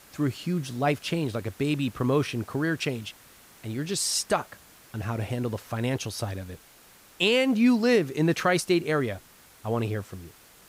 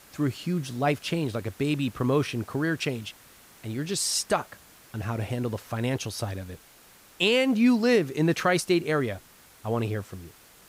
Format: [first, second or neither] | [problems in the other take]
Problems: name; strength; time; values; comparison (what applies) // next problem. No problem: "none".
neither | hiss; faint; throughout; 25 dB below the speech; the same in both